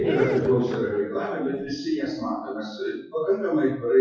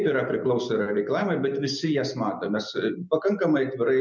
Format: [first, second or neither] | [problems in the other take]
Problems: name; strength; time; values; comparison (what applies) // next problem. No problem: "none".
second | noise reduction (classical method WPE with log-MMSE)